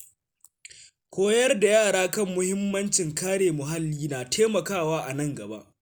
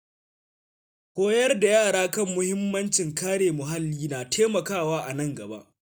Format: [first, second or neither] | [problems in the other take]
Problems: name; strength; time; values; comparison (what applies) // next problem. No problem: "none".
first | noise reduction (neural mask model DeepFilterNet 3)